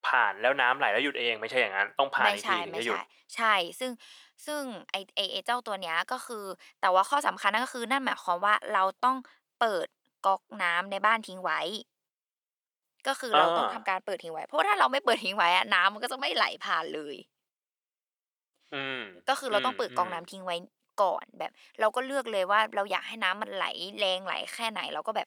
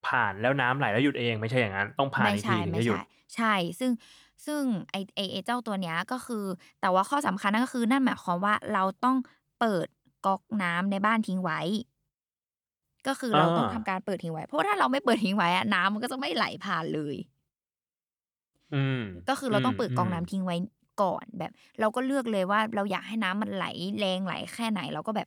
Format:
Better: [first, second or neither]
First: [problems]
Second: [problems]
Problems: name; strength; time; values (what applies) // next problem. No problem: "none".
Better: second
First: thin; very; fading below 550 Hz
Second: none